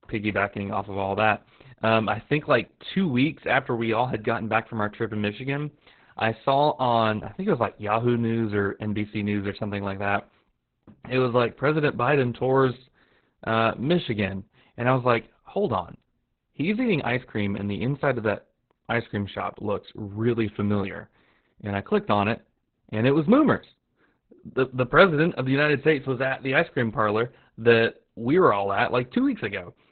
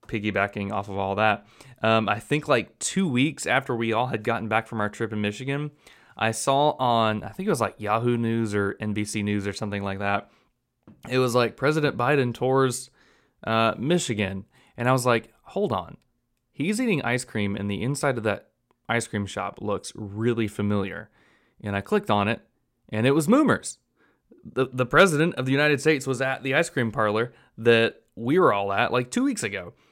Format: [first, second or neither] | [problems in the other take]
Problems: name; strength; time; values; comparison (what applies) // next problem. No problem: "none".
second | garbled, watery; badly; nothing above 4 kHz